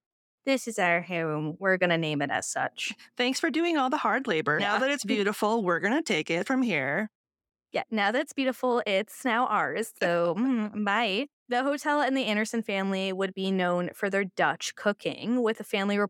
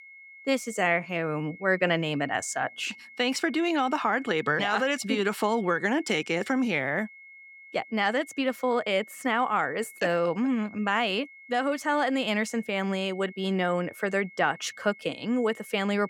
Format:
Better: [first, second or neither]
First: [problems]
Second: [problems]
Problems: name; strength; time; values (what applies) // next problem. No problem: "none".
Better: first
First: none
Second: high-pitched whine; noticeable; throughout; 2 kHz, 20 dB below the speech